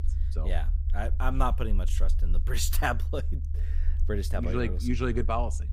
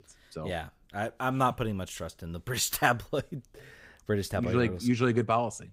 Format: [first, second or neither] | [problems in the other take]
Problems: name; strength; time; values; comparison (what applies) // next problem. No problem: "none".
second | low rumble; noticeable; throughout; 20 dB below the speech